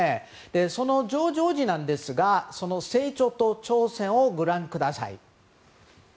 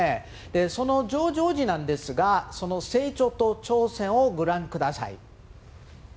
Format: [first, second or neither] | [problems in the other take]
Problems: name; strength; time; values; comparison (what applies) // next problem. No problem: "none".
first | background sound (Aircraft); 20 dB below the speech